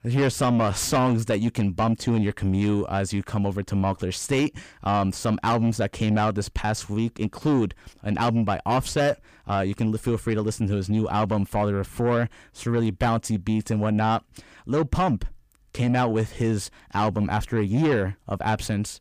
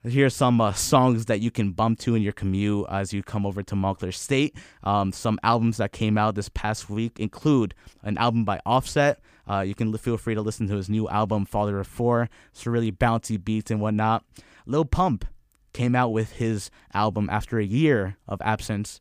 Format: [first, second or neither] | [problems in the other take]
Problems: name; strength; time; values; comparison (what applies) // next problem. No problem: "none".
second | distortion; slight; 10 dB below the speech